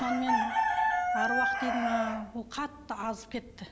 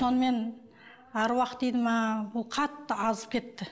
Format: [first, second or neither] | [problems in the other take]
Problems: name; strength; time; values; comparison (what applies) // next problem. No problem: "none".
second | background sound (Chicken, rooster); 4 dB above the speech